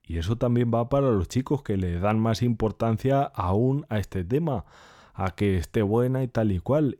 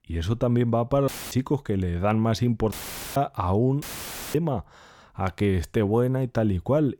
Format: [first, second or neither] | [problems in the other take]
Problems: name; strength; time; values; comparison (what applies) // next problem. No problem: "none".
first | audio cutting out; filled with static; at 1 s, at 2.5 s and at 4 s for 0.5 s